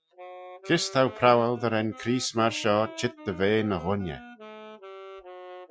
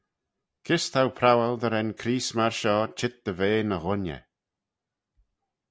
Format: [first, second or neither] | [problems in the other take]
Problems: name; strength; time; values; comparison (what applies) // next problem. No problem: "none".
second | noise reduction (classical method Wiener filter)